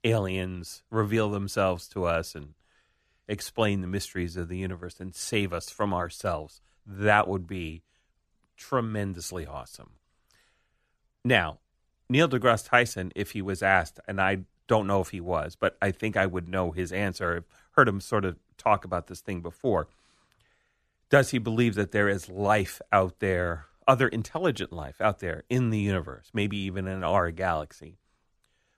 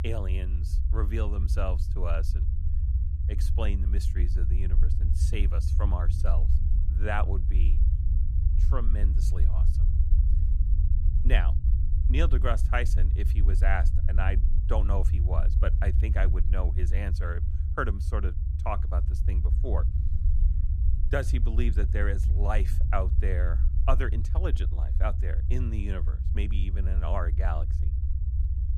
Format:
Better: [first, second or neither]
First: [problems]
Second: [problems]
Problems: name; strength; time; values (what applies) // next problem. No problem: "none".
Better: first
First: none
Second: low rumble; loud; throughout; 10 dB below the speech